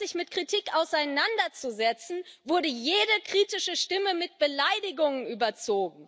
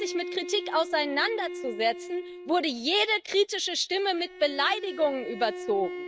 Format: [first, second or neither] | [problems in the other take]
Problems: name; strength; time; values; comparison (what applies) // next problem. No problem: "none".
first | noise reduction (neural mask model RNNoise)